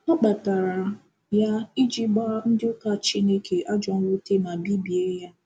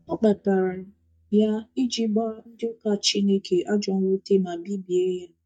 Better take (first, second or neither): first